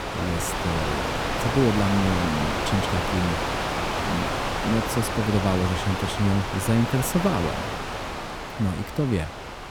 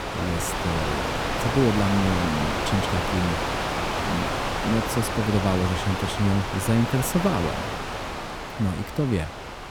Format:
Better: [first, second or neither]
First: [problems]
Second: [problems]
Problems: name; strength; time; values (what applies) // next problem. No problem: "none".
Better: neither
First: wind noise on the microphone; heavy; 4 dB above the speech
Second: wind noise on the microphone; heavy; 4 dB above the speech